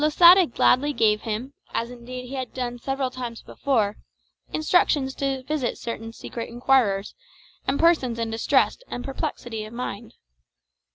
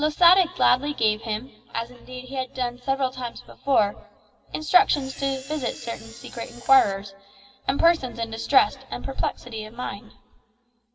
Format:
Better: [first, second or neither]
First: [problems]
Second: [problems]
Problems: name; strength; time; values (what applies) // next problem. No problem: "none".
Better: first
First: none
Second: background sound (Camera); 18 dB below the speech // room echo; dies away in 1.5 s